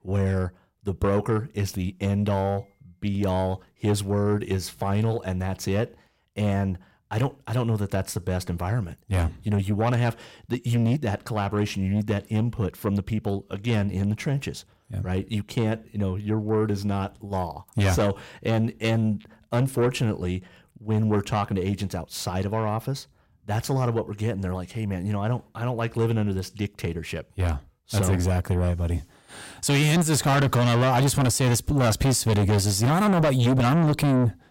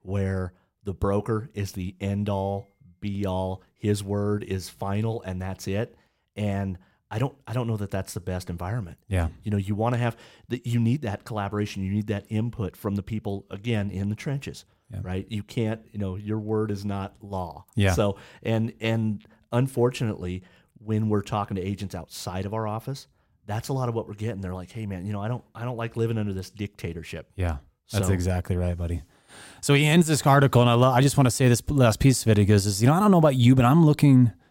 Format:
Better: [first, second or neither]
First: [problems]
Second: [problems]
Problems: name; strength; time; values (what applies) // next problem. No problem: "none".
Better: second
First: distortion; heavy; 7 dB below the speech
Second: none